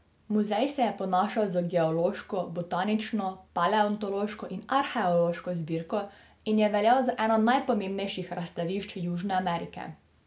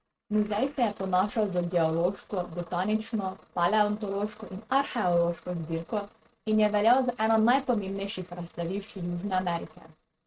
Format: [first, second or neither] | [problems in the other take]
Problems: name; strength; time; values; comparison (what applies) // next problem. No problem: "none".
first | noise reduction (neural mask model RNNoise)